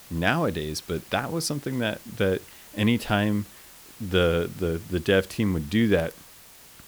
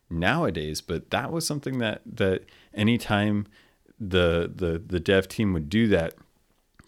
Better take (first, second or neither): second